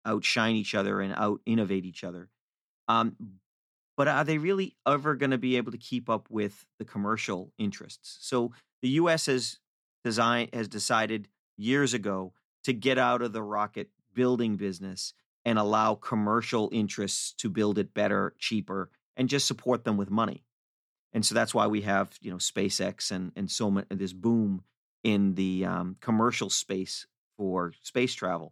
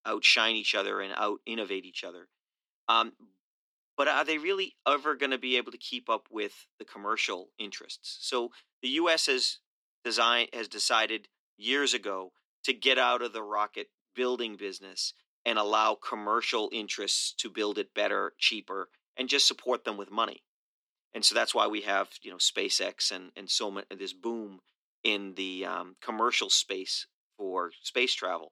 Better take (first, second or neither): first